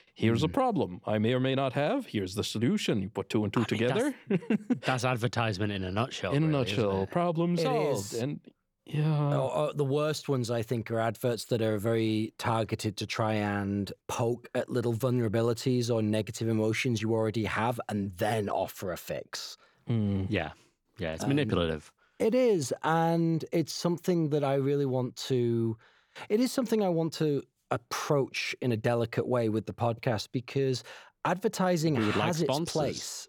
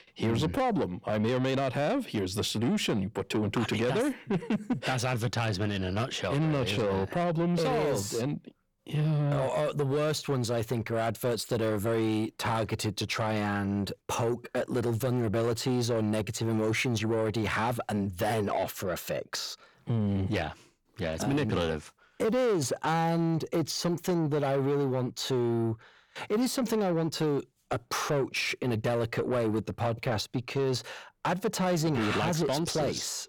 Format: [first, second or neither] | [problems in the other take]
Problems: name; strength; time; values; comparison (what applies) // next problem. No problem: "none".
first | distortion; slight; 10 dB below the speech